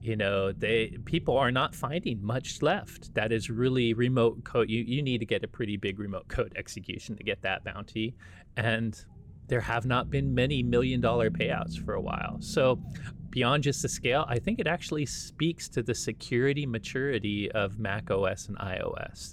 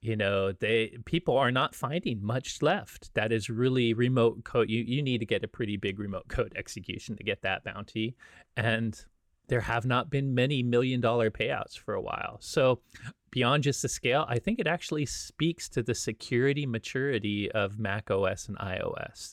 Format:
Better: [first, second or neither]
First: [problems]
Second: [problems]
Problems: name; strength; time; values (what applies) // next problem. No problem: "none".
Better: second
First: low rumble; faint; throughout; 20 dB below the speech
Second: none